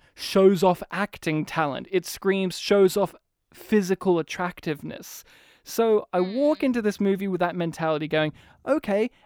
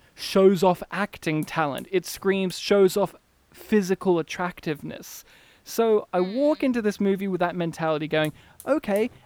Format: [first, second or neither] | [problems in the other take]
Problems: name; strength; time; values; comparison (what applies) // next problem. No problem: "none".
first | hiss; faint; throughout; 30 dB below the speech